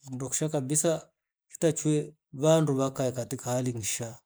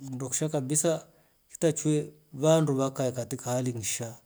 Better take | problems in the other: second | noise reduction (neural mask model Resemble Enhance denoiser)

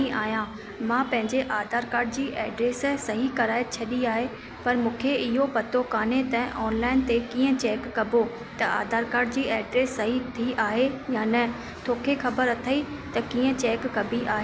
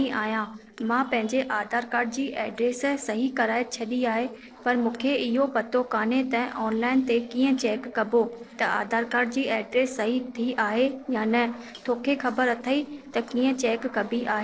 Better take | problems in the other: first | noise reduction (neural separator model SepFormer DNS4)

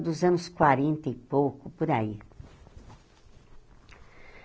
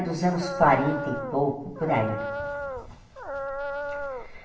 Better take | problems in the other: first | background sound (Dog); 5 dB below the speech // room echo; dies away in 0.8 s

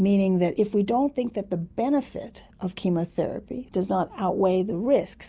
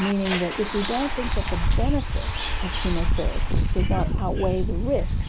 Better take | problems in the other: first | background sound (Bus); 4 dB above the speech

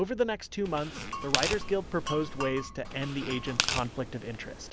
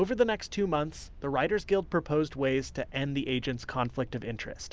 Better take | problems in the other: second | background sound (Tearing + Glass); 3 dB below the speech

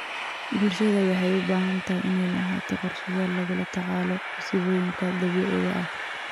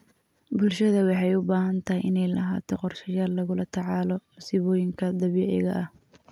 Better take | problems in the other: second | background sound (Train); 8 dB below the speech

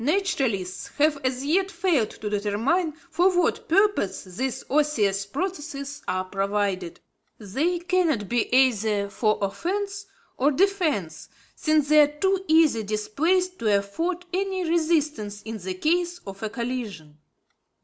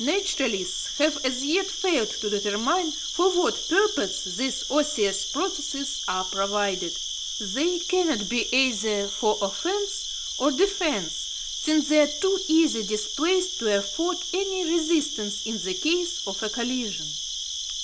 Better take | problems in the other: first | background sound (Cricket); 5 dB below the speech

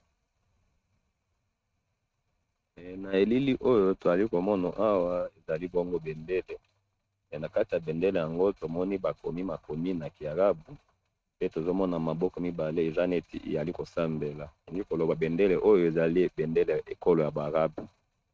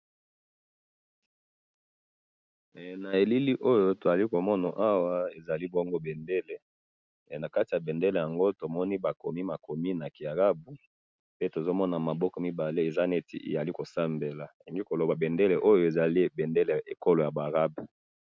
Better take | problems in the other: second | noise reduction (neural mask model RNNoise)

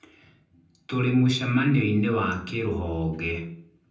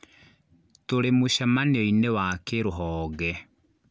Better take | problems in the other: second | room echo; dies away in 0.6 s

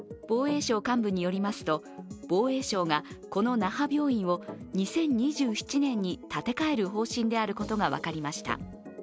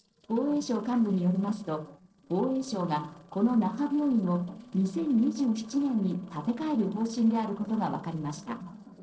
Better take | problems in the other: first | noise reduction (neural separator model SepFormer DNS4)

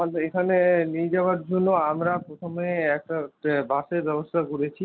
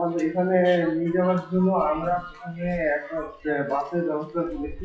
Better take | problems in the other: first | noise reduction (classical method WPE with log-MMSE)

